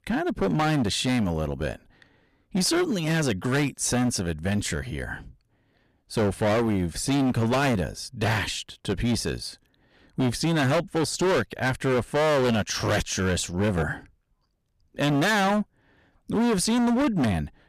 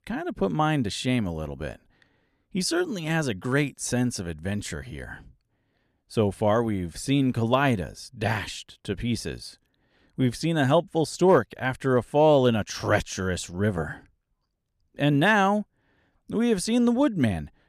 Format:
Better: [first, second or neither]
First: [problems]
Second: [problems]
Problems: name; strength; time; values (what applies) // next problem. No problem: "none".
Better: second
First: distortion; heavy; 18% of the sound clipped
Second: none